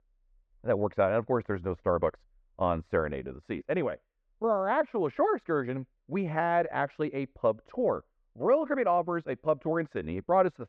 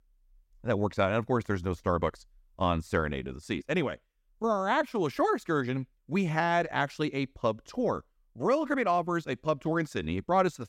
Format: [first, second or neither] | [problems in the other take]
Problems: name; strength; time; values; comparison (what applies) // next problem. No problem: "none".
second | muffled; very; fading above 2 kHz